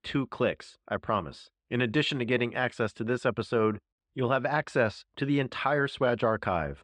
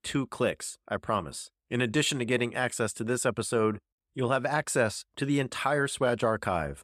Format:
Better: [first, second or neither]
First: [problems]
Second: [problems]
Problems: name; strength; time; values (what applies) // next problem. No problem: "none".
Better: second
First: muffled; slightly; fading above 4 kHz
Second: none